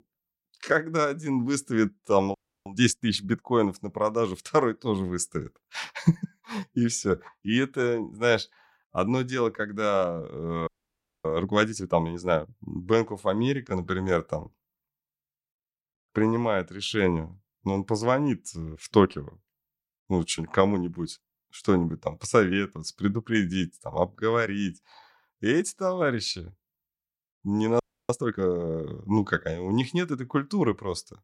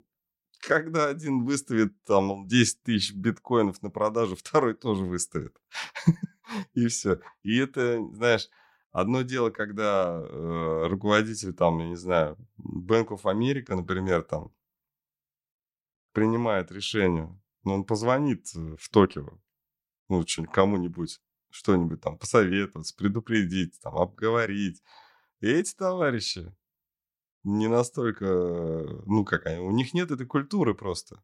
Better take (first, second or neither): second